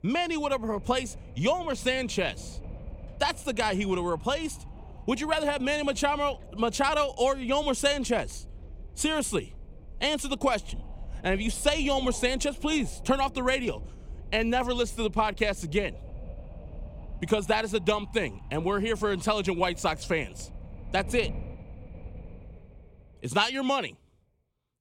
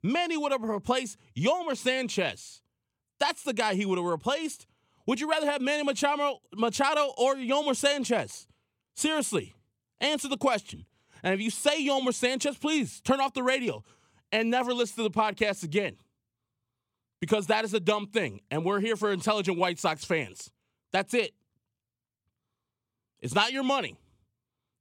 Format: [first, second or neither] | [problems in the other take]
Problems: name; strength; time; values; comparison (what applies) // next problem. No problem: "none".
second | wind noise on the microphone; occasional gusts; 25 dB below the speech